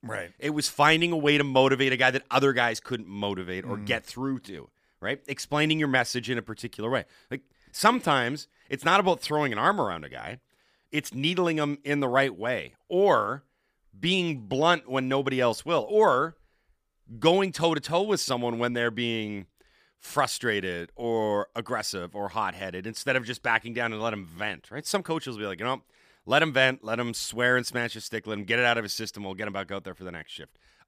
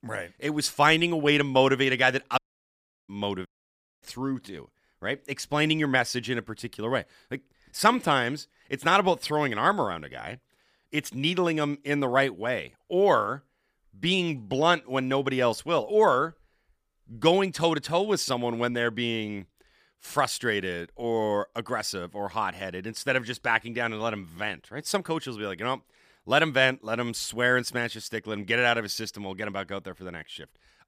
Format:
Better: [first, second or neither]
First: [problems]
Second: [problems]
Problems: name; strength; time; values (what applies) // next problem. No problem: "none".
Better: first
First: none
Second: audio cutting out; at 2.5 s for 0.5 s and at 3.5 s for 0.5 s